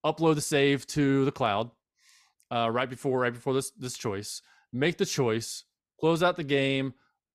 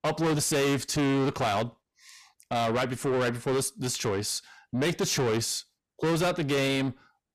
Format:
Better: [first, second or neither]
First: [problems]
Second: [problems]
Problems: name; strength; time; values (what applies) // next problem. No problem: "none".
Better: first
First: none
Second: distortion; heavy; 6 dB below the speech